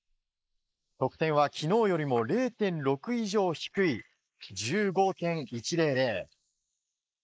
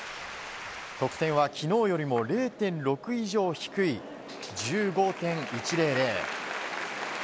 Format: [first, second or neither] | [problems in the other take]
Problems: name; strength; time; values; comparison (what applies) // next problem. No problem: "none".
second | noise reduction (neural mask model Resemble Enhance denoiser)